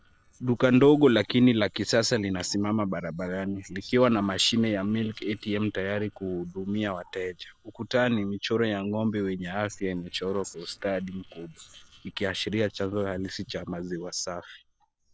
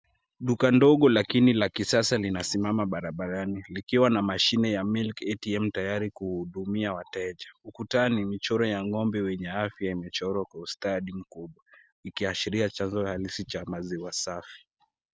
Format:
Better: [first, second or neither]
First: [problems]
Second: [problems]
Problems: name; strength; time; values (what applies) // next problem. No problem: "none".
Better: second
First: noise reduction (neural separator model SepFormer DNS4)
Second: none